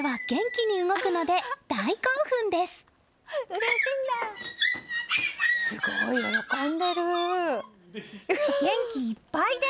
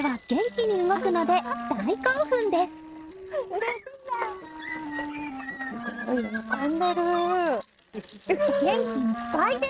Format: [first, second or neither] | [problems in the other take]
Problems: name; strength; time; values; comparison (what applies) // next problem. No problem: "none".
first | noise reduction (neural mask model RNNoise)